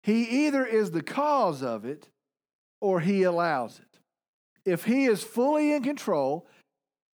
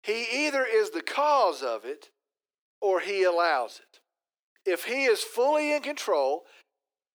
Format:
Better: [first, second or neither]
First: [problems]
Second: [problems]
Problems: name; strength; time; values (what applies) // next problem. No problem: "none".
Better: first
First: none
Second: thin; very; fading below 350 Hz